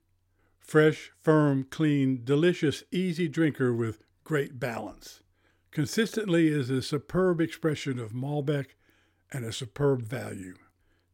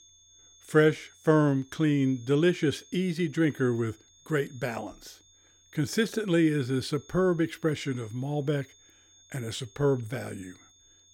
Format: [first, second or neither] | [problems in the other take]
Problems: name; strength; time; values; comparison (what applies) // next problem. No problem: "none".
first | high-pitched whine; faint; throughout; 6.5 kHz, 30 dB below the speech